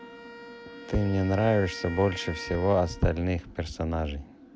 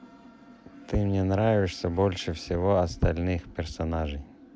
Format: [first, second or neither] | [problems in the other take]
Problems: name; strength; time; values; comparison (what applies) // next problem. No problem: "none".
second | background sound (Wind instrument, woodwind instrument); 16 dB below the speech